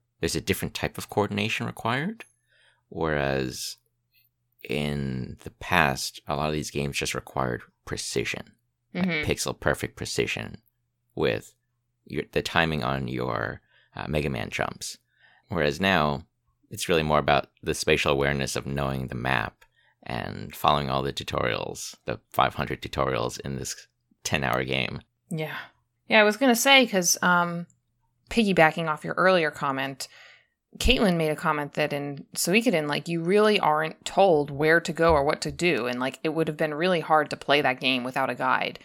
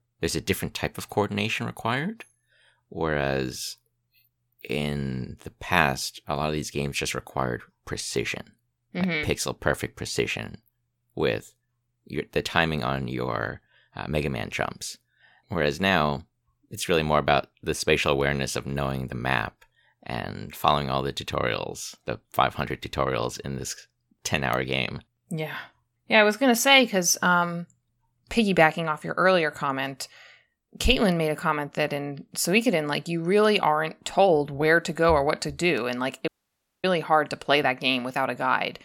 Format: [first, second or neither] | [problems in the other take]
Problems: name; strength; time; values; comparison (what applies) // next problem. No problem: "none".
first | audio cutting out; at 36 s for 0.5 s